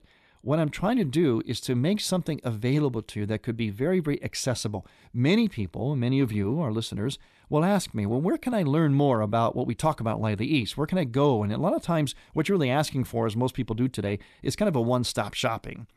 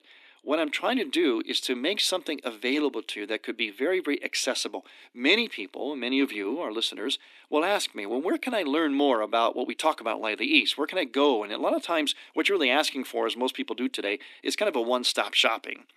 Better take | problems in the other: first | thin; somewhat; fading below 250 Hz

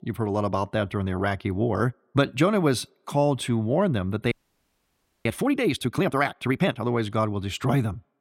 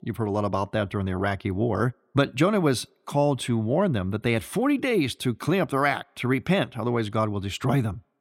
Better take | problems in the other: second | audio freezing; at 4.5 s for 1 s

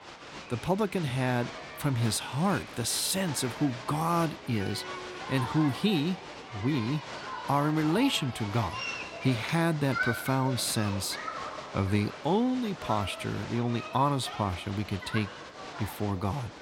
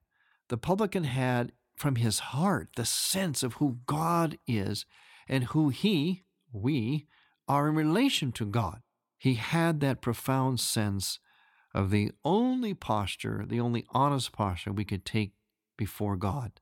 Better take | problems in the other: second | crowd noise; loud; throughout; 9 dB below the speech

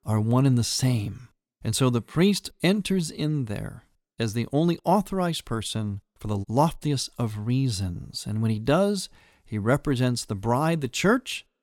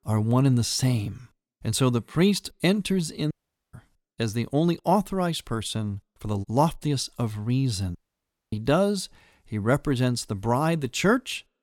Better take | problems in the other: first | audio cutting out; at 3.5 s and at 8 s for 0.5 s

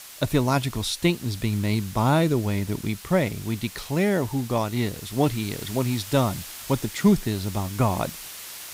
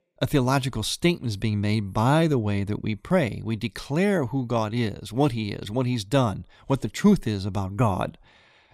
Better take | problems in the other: second | hiss; noticeable; throughout; 15 dB below the speech

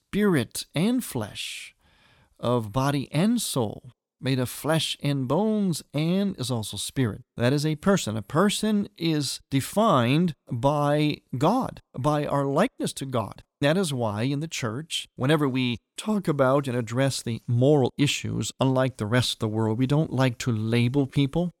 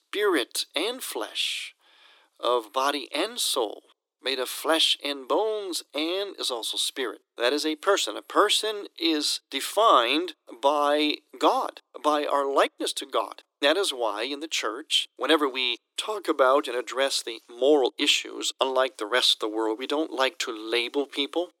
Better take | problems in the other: first | thin; very; fading below 300 Hz

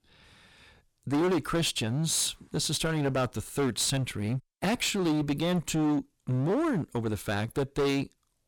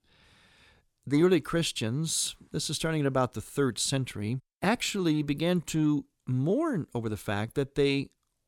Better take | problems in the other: second | distortion; heavy; 14% of the sound clipped

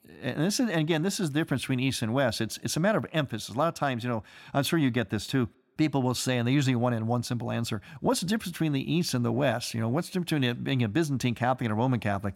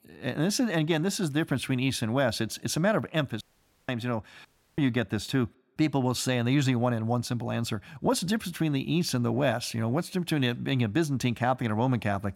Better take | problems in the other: first | audio cutting out; at 3.5 s and at 4.5 s

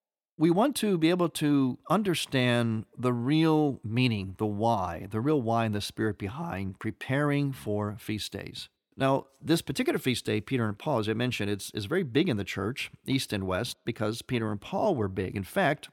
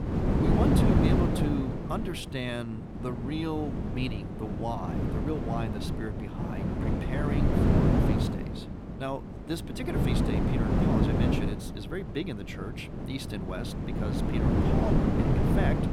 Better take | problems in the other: first | wind noise on the microphone; heavy; 4 dB above the speech

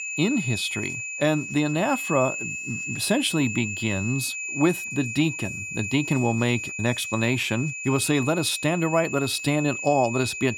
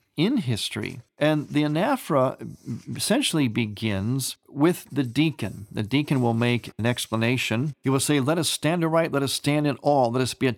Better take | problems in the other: second | high-pitched whine; loud; throughout; 2.5 kHz, 6 dB below the speech

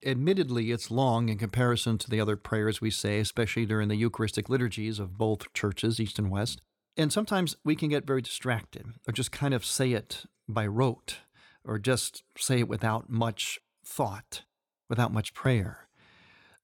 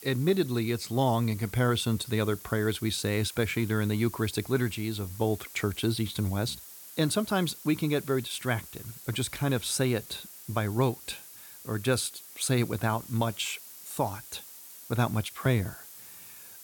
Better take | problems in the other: first | hiss; noticeable; throughout; 15 dB below the speech

